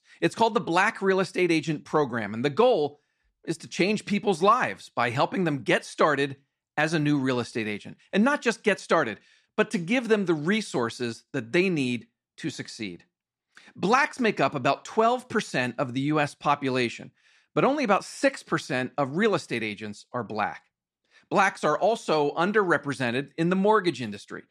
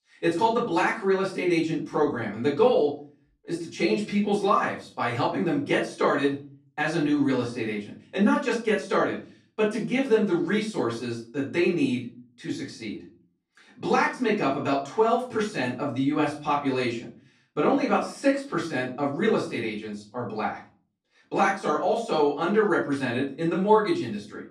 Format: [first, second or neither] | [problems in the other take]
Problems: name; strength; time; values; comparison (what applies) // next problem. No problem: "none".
first | off-mic speech; far // room echo; slight; dies away in 0.3 s